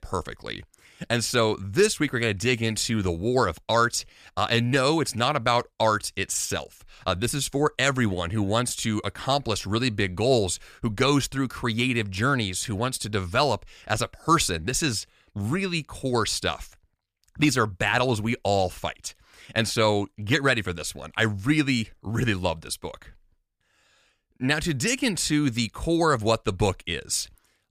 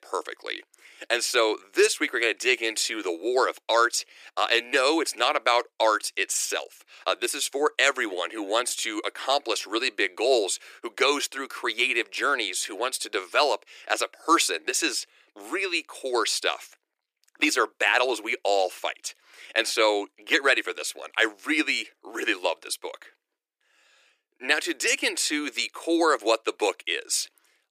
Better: first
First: none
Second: thin; very; fading below 300 Hz

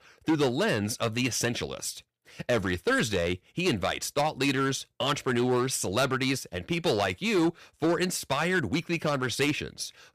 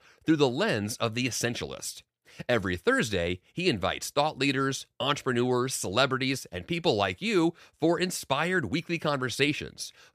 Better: second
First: distortion; slight; 6% of the sound clipped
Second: none

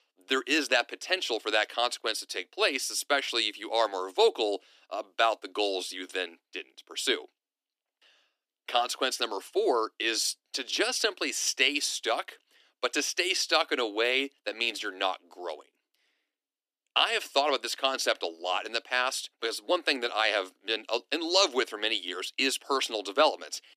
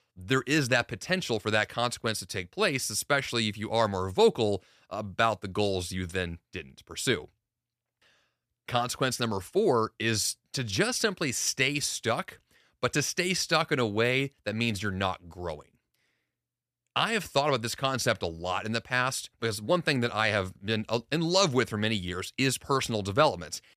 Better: second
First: thin; somewhat; fading below 250 Hz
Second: none

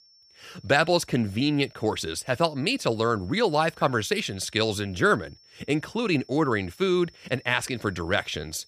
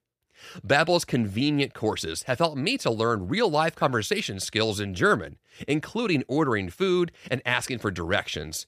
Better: second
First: high-pitched whine; faint; throughout; 5.5 kHz, 30 dB below the speech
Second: none

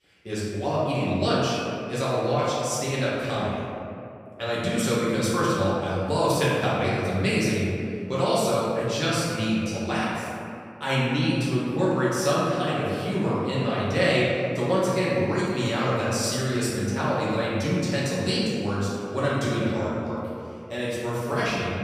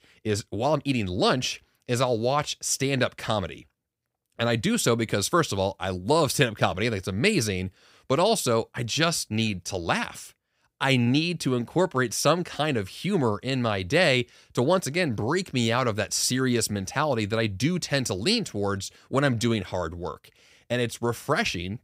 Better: second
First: room echo; strong; dies away in 2.2 s // off-mic speech; far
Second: none

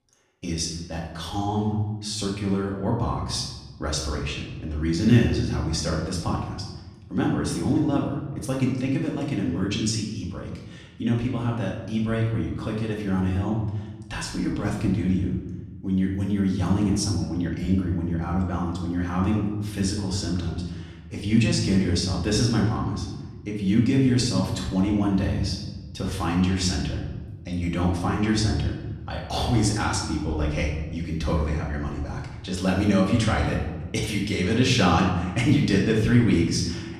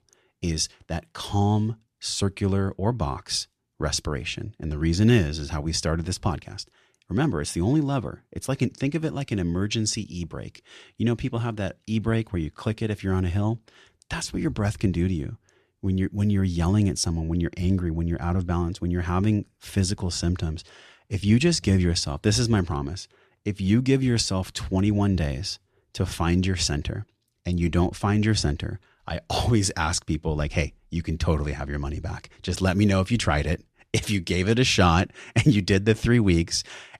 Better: second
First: room echo; noticeable; dies away in 1 s // off-mic speech; far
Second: none

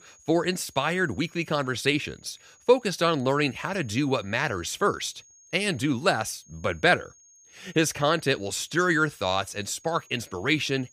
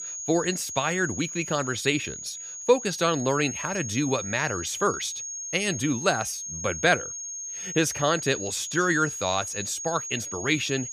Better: first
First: high-pitched whine; faint; throughout; 6.5 kHz, 25 dB below the speech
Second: high-pitched whine; loud; throughout; 6.5 kHz, 6 dB below the speech

